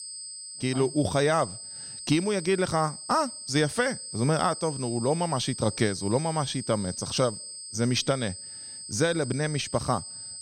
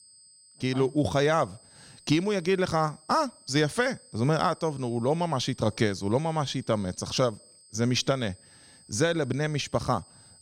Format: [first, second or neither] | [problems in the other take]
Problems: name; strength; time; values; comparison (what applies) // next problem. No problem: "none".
second | high-pitched whine; loud; throughout; 8 kHz, 10 dB below the speech; faint in the second